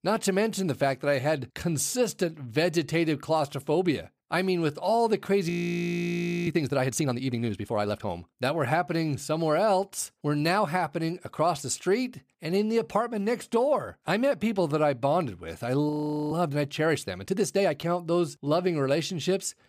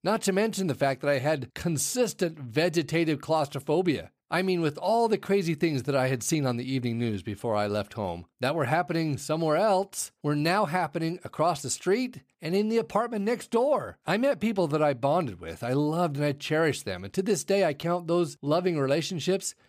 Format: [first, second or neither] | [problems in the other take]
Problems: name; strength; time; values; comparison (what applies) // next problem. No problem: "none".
second | audio freezing; at 5.5 s for 1 s and at 16 s